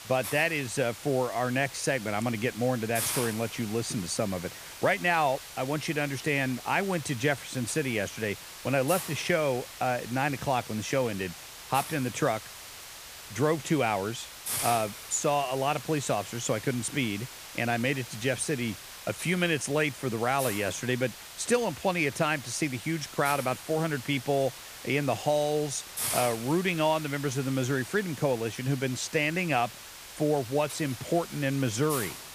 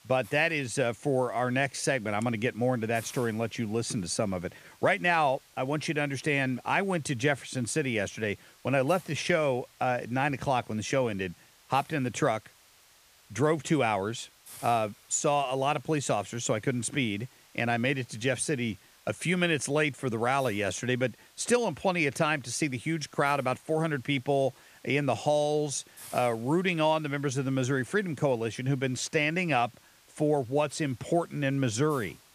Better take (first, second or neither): second